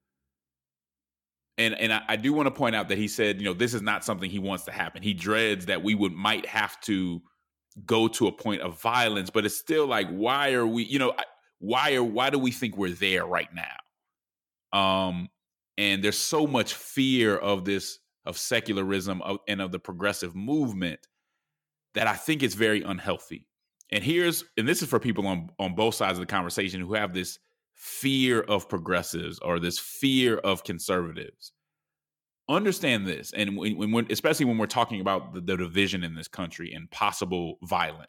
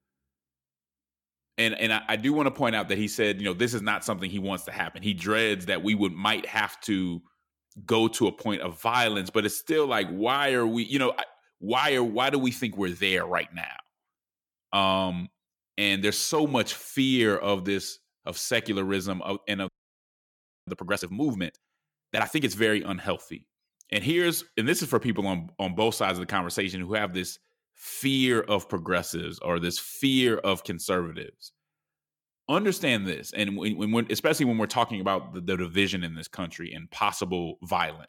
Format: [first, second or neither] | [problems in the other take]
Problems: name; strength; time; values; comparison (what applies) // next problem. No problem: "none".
first | audio freezing; at 20 s for 1 s